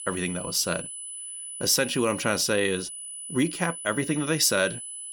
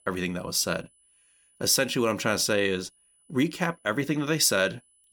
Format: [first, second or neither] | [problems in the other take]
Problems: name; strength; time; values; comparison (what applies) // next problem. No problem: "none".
second | high-pitched whine; loud; throughout; 10 kHz, 9 dB below the speech; faint in the second